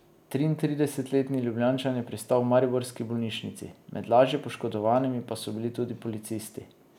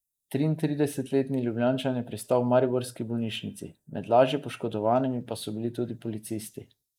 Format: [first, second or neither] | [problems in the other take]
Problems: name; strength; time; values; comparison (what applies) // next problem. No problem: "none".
first | noise reduction (neural mask model Resemble Enhance denoiser)